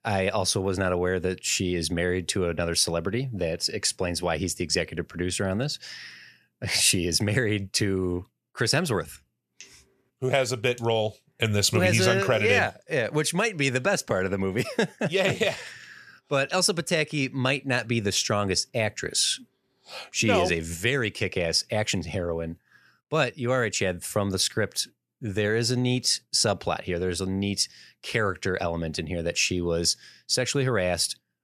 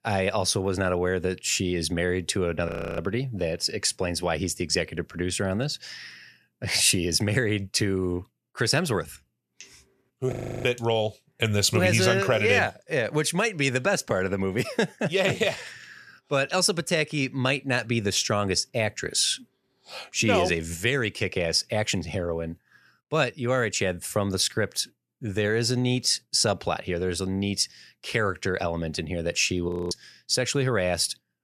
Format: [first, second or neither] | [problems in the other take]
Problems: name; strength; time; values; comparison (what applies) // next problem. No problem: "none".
first | audio freezing; at 2.5 s, at 10 s and at 30 s